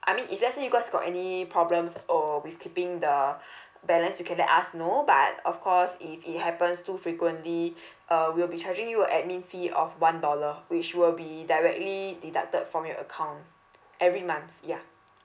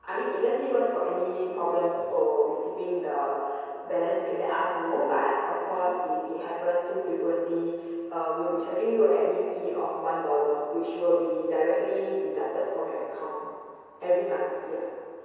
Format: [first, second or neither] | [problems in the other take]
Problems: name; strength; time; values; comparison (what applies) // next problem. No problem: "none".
first | room echo; dies away in 2.2 s